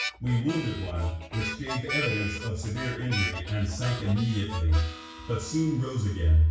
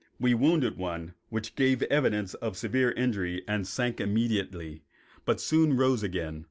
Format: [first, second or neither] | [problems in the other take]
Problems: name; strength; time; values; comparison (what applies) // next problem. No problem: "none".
second | background sound (Harmonica); 10 dB below the speech // room echo; dies away in 0.6 s